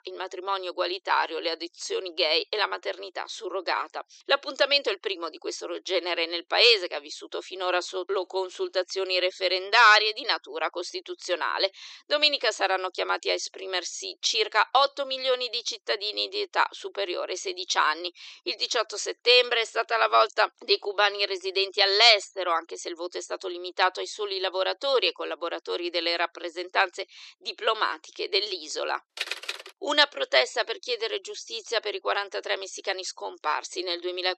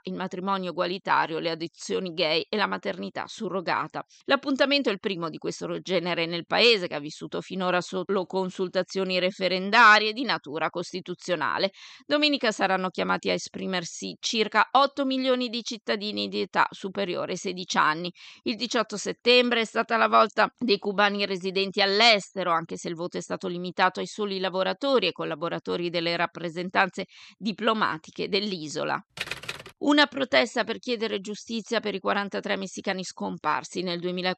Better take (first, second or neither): second